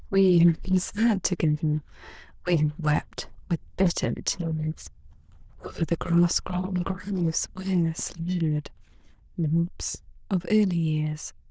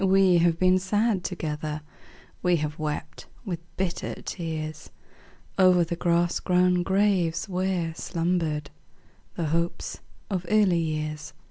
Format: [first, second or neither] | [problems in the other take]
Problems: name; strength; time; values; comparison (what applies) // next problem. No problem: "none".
second | noise reduction (neural diffusion model UNIVERSE++)